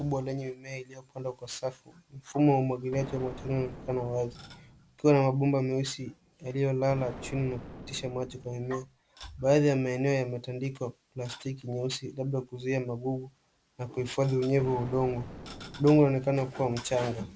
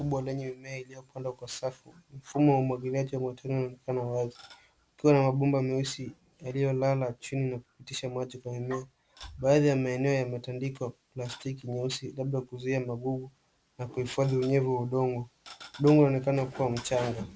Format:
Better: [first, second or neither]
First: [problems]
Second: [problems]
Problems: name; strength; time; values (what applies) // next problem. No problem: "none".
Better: second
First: background sound (Explosion); 15 dB below the speech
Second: none